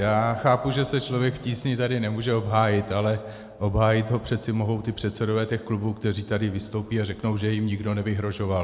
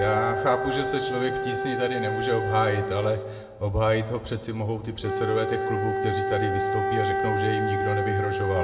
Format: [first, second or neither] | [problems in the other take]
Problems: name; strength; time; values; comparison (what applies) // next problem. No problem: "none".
first | background sound (Wind instrument, woodwind instrument); 1 dB below the speech // room echo; dies away in 0.7 s